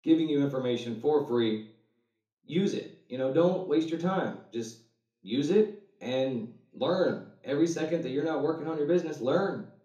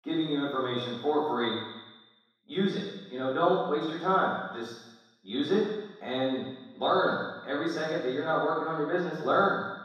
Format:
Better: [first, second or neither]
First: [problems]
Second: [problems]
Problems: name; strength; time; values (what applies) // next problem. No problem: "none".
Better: first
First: room echo; slight; dies away in 0.6 s // off-mic speech; far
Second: room echo; strong; dies away in 1.2 s // off-mic speech; far